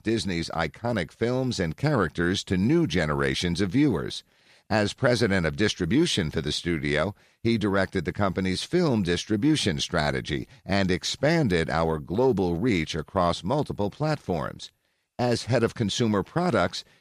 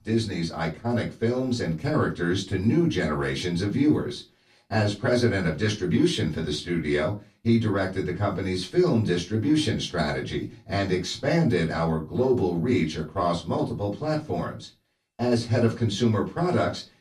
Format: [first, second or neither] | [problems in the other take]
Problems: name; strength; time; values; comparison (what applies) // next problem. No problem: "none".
first | off-mic speech; far // room echo; very slight; dies away in 0.2 s